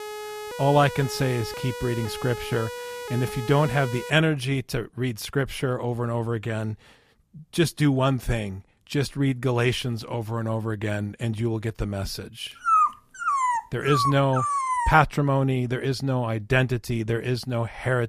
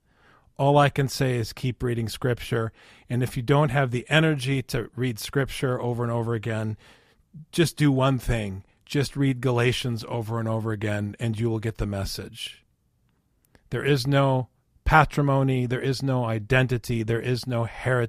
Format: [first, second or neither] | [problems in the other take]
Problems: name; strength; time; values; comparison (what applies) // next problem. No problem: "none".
second | siren; noticeable; until 4 s; peak 9 dB below the speech // dog barking; loud; from 13 to 15 s; peak 5 dB above the speech